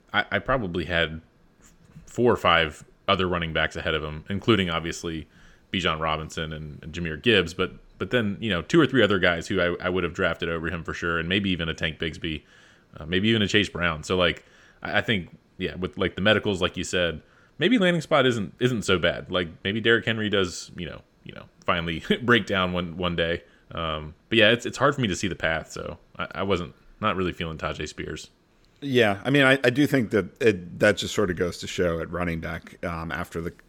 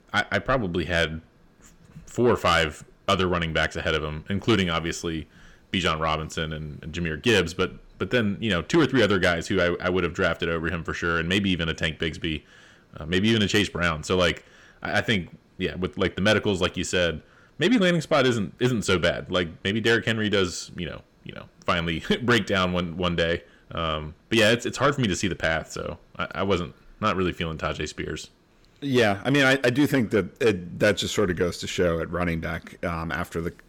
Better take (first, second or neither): first